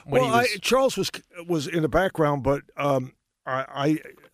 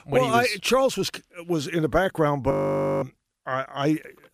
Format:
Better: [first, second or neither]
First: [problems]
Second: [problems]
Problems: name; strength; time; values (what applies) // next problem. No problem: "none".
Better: first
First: none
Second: audio freezing; at 2.5 s for 0.5 s